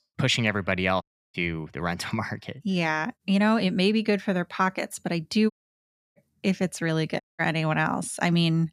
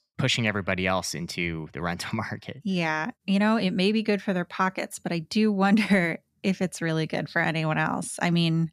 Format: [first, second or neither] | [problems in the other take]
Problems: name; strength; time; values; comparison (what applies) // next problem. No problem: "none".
second | audio cutting out; at 1 s, at 5.5 s for 0.5 s and at 7 s